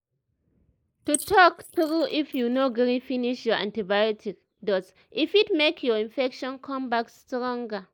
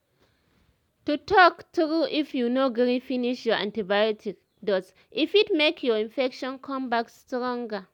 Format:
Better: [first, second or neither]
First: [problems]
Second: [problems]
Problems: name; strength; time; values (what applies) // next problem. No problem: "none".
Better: second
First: noise reduction (neural mask model Resemble Enhance denoiser)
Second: none